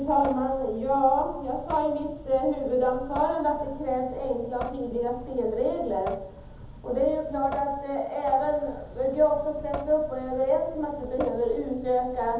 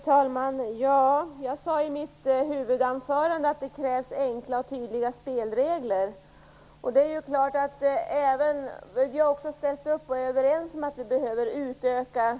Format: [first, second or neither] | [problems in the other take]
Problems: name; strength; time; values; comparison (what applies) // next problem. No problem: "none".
second | background sound (Drip / Sink (filling or washing) / Water tap, faucet); 15 dB below the speech // room echo; dies away in 1.3 s